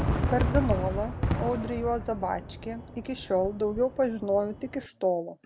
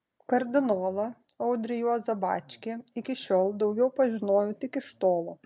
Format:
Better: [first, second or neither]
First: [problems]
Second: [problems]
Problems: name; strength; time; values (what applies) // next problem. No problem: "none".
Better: second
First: background sound (Fireworks); 3 dB below the speech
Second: none